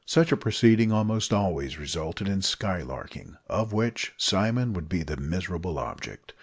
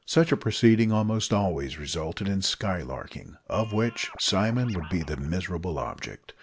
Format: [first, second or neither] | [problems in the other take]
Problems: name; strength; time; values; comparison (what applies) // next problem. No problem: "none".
first | background sound (Scratching (performance technique)); 19 dB below the speech